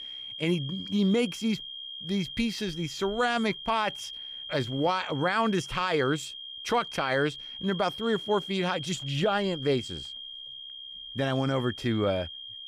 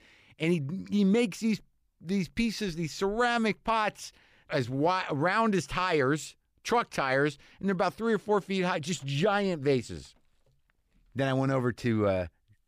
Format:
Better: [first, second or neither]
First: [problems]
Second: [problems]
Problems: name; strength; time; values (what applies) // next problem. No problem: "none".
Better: second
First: high-pitched whine; loud; throughout; 3 kHz, 9 dB below the speech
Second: none